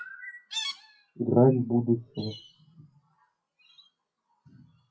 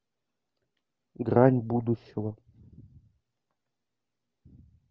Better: second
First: noise reduction (classical method WPE with log-MMSE)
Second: none

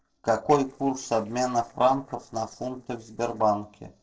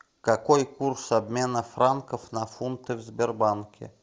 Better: second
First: noise reduction (neural separator model SepFormer DNS4)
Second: none

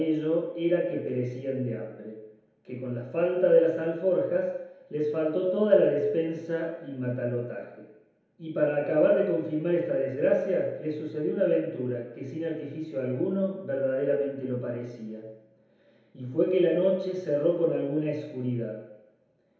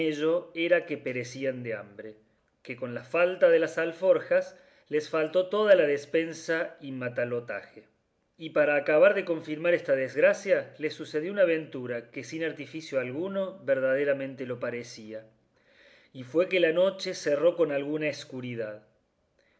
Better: second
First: room echo; dies away in 1 s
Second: none

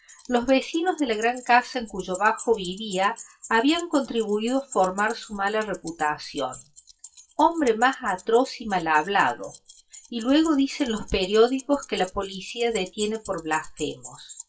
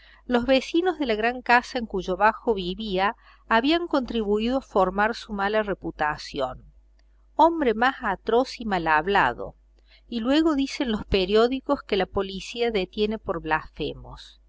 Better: second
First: noise reduction (classical method WPE with log-MMSE)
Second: none

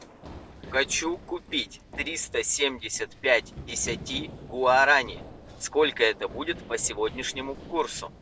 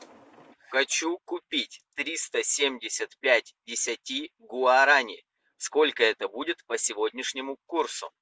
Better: second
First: background sound (Run); 16 dB below the speech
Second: none

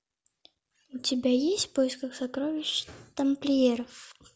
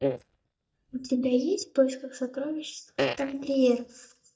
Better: first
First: none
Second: noise reduction (neural mask model DeepFilterNet 3)

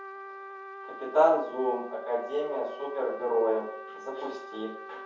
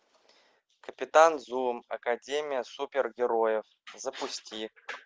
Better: second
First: background sound (Trumpet); 13 dB below the speech // room echo; dies away in 0.6 s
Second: none

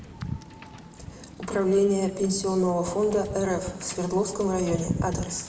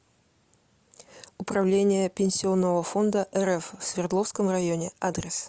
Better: second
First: background sound (Wind / Boat, Water vehicle); 10 dB below the speech // room echo; dies away in 1 s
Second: none

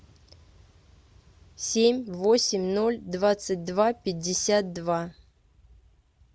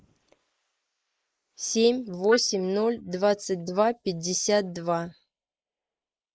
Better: first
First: none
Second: noise reduction (neural mask model Resemble Enhance denoiser)

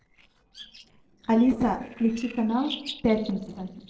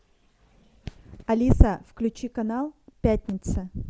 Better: second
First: noise reduction (neural separator model SepFormer DNS4)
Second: none

